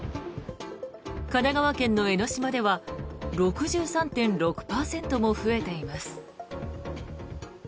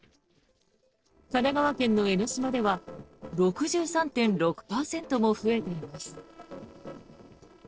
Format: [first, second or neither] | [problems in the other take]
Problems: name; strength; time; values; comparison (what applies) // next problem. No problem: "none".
first | noise reduction (neural separator model SepFormer DNS4)